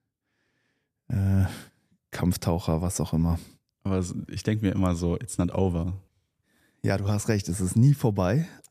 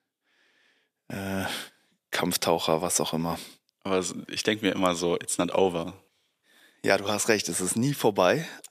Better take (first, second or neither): first